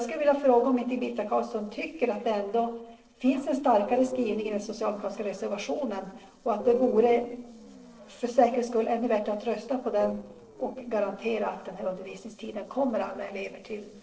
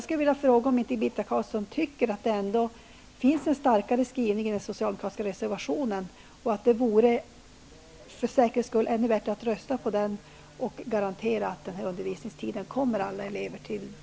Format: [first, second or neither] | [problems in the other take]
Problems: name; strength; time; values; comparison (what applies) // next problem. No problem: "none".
second | noise reduction (neural separator model SepFormer DNS4)